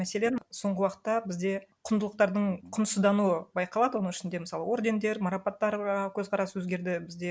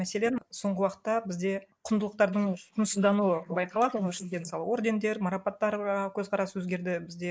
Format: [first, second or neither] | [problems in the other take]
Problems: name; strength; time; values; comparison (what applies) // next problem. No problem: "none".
first | noise reduction (neural mask model Resemble Enhance denoiser)